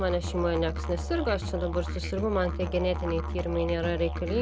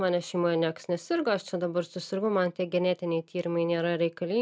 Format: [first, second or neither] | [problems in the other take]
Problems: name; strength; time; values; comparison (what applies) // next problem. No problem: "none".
second | background sound (Musical instrument); 3 dB below the speech